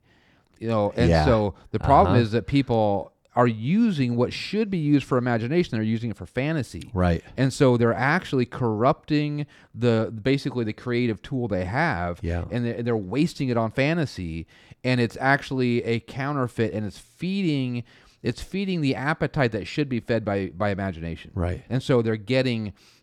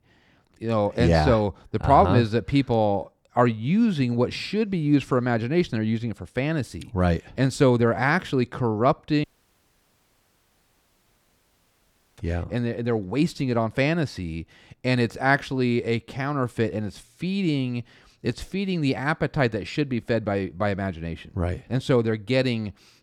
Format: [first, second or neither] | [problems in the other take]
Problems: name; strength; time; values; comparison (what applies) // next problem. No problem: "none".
first | audio cutting out; at 9 s for 3 s